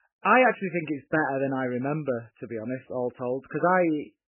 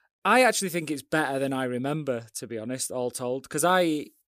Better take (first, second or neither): second